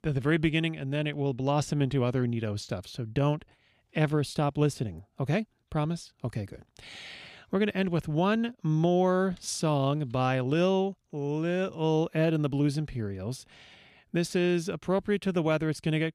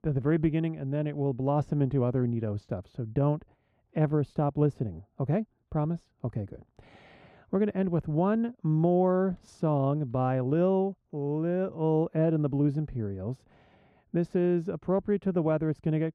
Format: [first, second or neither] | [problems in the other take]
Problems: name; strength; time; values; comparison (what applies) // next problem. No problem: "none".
first | muffled; very; fading above 2 kHz